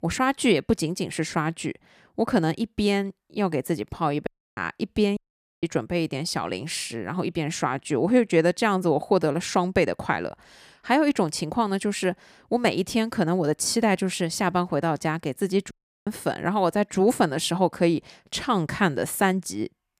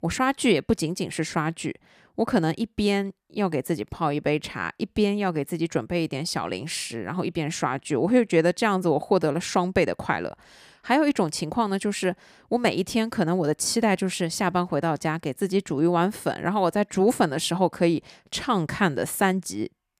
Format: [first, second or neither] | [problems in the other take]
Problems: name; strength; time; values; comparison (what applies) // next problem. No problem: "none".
second | audio cutting out; at 4.5 s, at 5 s and at 16 s